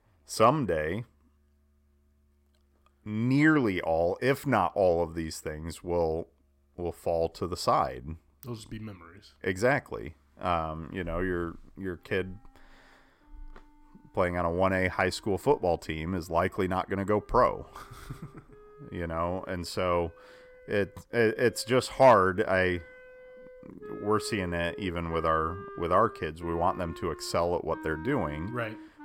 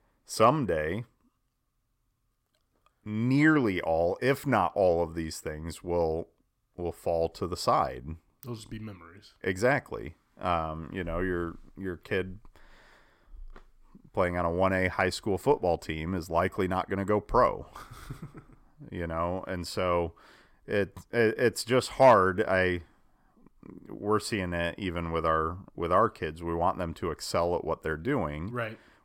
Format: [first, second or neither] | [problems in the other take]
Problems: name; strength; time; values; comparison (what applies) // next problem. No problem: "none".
second | background music; noticeable; throughout; 20 dB below the speech